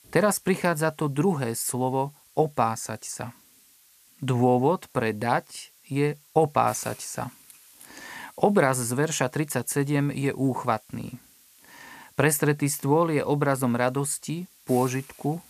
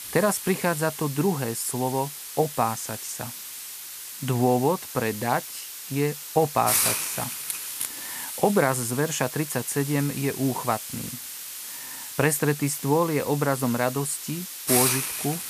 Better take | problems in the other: first | hiss; loud; throughout; 5 dB below the speech; faint in the first

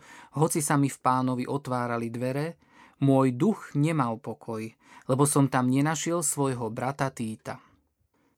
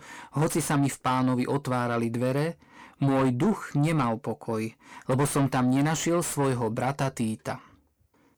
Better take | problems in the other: first | distortion; heavy; 7 dB below the speech

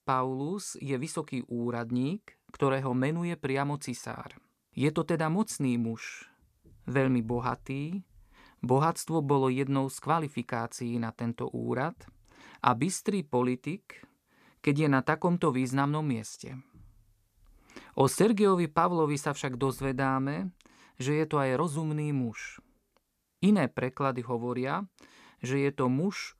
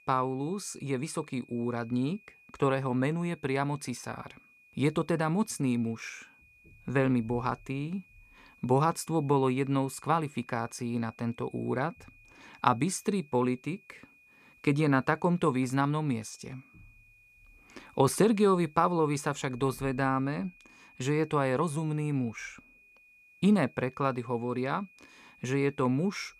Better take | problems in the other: first | high-pitched whine; faint; throughout; 2.5 kHz, 30 dB below the speech

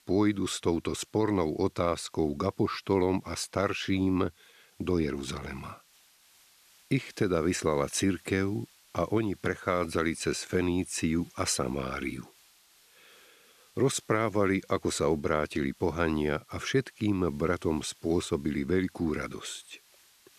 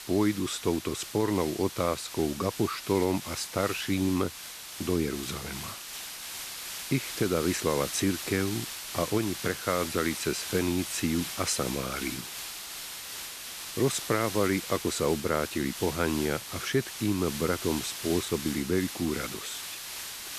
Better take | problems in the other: first | hiss; loud; throughout; 7 dB below the speech; faint in the first

